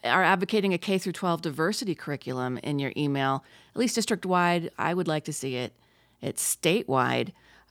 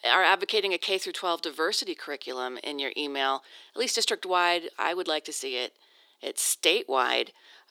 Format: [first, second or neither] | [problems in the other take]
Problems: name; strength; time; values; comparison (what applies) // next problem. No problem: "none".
first | thin; very; fading below 350 Hz